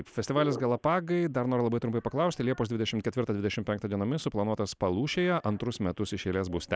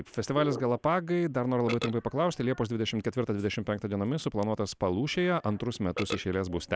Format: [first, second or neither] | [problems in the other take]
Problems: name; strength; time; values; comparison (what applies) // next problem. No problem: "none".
first | background sound (Burping, eructation); 16 dB below the speech